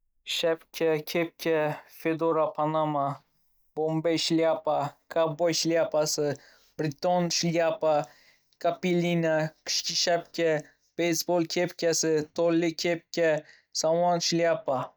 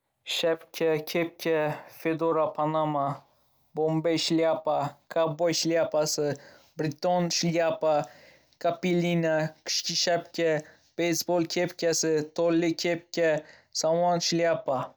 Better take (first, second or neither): second